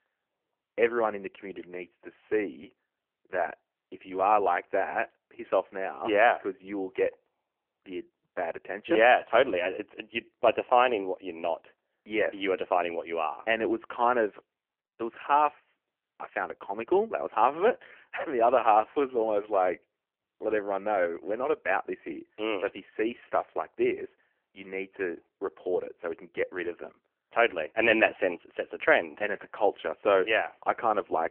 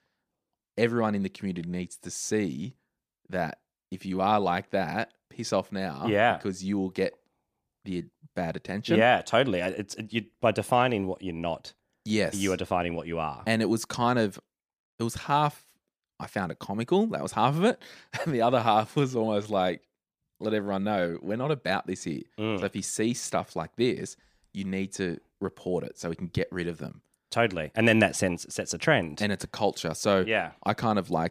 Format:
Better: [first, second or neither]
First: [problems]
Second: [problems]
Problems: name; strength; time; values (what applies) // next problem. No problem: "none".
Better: second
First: phone-call audio; poor line; nothing above 3 kHz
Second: none